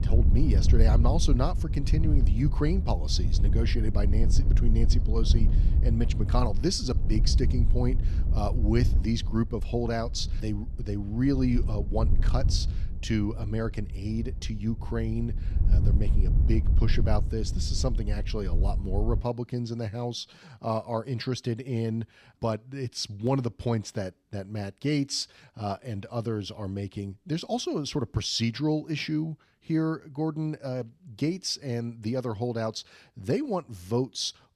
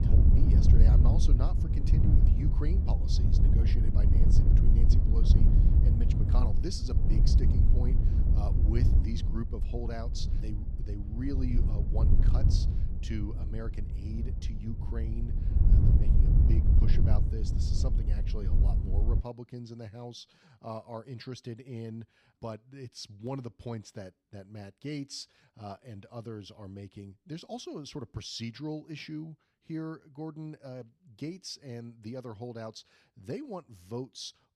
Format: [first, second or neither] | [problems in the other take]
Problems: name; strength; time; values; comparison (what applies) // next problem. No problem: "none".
first | wind noise on the microphone; heavy; until 19 s; 1 dB above the speech; occasional gusts in the first